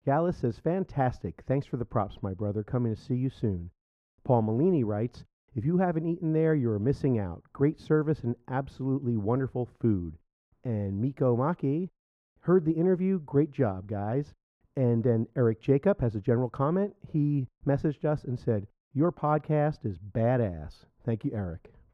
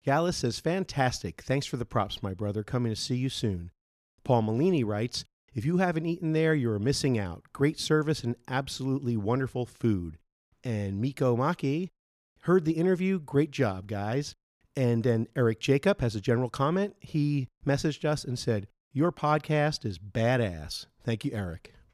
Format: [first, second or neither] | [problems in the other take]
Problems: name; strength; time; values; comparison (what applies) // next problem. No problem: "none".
second | muffled; very; fading above 2 kHz